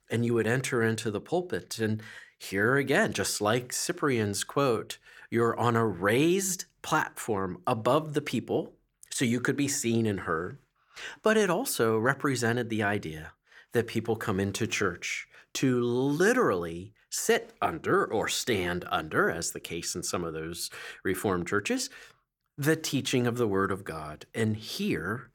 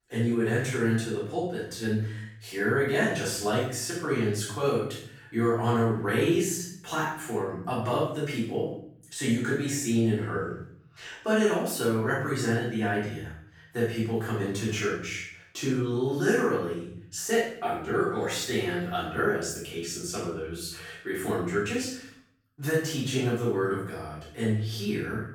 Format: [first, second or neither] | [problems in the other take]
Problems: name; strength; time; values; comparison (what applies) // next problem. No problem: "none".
first | off-mic speech; far // room echo; noticeable; dies away in 0.6 s